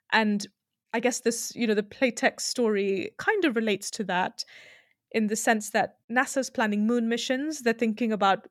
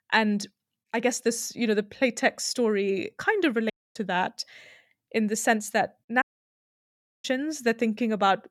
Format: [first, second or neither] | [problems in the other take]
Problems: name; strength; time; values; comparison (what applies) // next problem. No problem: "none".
first | audio cutting out; at 3.5 s and at 6 s for 1 s